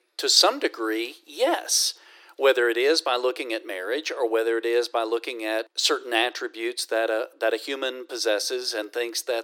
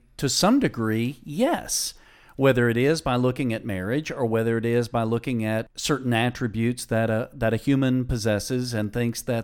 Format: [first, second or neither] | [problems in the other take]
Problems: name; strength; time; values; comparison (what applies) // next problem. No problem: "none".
second | thin; very; fading below 350 Hz